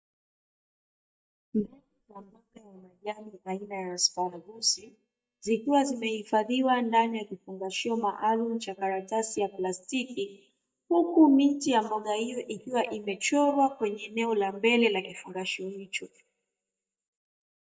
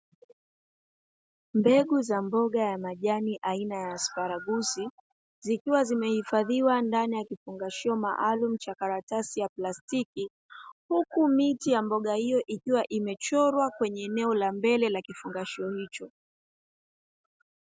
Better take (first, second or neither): second